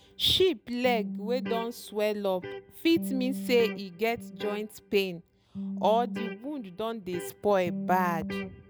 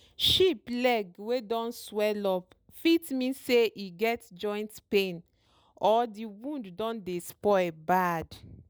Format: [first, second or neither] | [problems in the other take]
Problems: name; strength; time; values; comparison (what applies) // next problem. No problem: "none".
second | background sound (Electric guitar); 9 dB below the speech